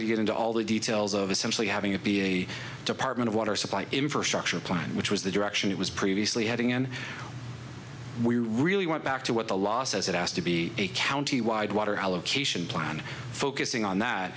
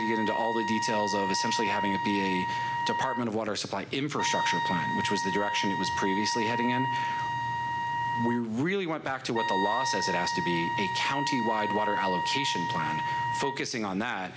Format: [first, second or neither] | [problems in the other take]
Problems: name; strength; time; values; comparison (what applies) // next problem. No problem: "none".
first | background sound (Wind instrument, woodwind instrument); as loud as the speech